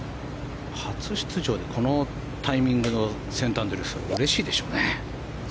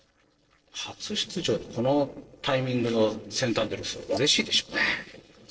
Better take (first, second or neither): first